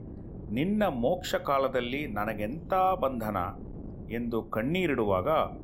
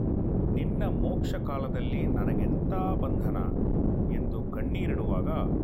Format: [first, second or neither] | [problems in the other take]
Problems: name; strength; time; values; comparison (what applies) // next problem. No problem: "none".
first | wind noise on the microphone; heavy; 3 dB above the speech; occasional gusts in the first